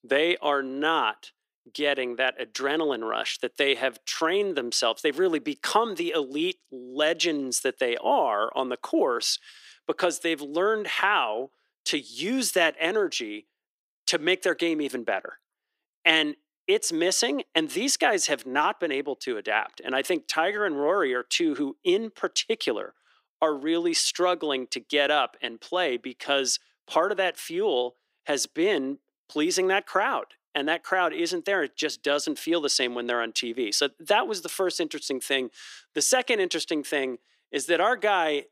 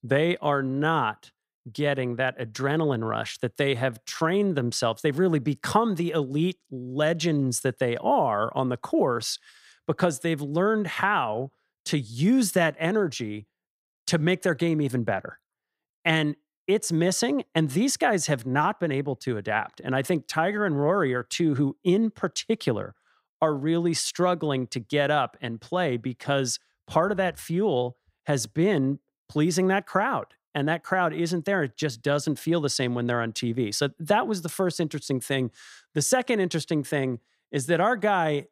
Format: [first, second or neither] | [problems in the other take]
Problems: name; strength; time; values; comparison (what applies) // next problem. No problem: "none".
second | thin; somewhat; fading below 300 Hz